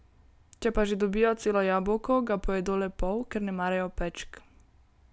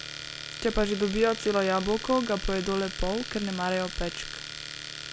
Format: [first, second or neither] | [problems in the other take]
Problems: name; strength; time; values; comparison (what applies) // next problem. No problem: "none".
first | background sound (Domestic sounds, home sounds); 10 dB below the speech